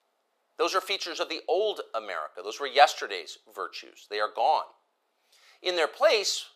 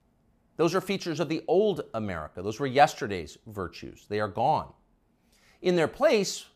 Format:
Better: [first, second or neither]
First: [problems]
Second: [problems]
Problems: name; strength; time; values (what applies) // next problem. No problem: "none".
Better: second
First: thin; very; fading below 450 Hz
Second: none